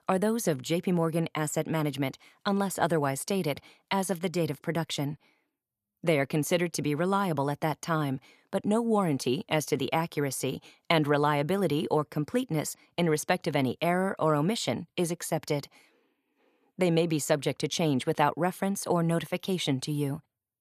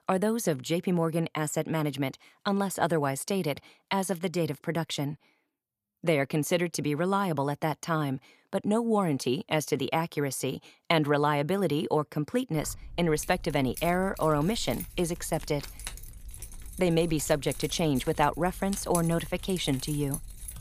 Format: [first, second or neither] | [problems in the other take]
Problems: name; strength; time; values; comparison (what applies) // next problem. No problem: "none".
first | jangling keys; noticeable; from 13 s on; peak 7 dB below the speech